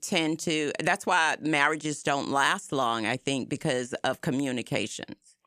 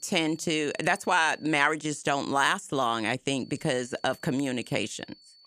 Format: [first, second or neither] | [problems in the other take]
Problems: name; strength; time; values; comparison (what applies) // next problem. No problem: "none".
first | high-pitched whine; faint; until 1.5 s and from 3.5 s on; 4.5 kHz, 25 dB below the speech